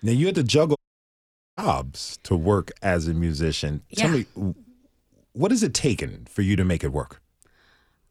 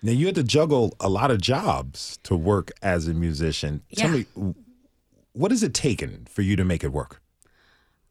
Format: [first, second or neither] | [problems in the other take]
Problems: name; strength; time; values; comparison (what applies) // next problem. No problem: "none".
second | audio cutting out; at 1 s for 1 s